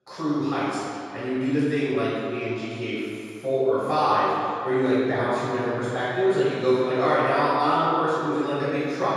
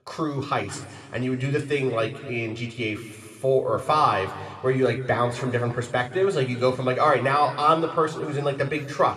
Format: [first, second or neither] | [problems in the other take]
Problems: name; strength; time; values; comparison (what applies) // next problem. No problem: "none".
second | room echo; strong; dies away in 2.2 s; slight in the second // off-mic speech; far